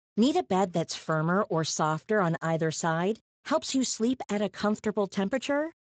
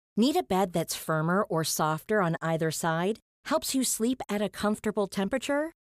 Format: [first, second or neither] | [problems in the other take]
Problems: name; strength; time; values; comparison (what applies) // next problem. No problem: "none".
second | garbled, watery; slightly; nothing above 7.5 kHz